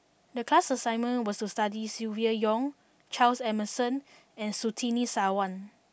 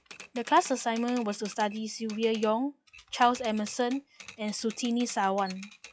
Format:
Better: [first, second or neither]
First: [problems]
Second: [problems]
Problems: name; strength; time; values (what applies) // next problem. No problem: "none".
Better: first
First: none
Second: noise reduction (classical method log-MMSE)